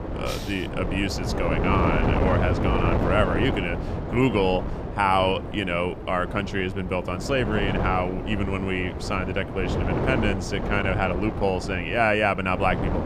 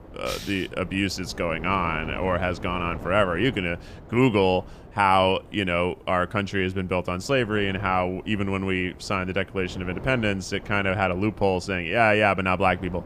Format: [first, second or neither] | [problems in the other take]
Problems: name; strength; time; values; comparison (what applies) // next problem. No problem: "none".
second | wind noise on the microphone; heavy; 6 dB below the speech; occasional gusts in the second